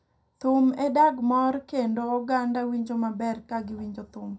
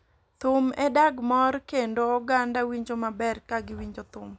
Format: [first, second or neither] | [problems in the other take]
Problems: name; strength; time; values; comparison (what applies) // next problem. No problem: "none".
second | room echo; dies away in 0.2 s